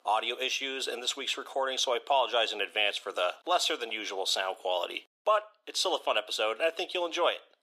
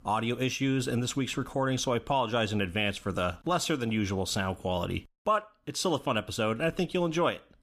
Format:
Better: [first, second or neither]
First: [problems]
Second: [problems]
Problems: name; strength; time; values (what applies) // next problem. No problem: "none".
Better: second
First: thin; very; fading below 400 Hz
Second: none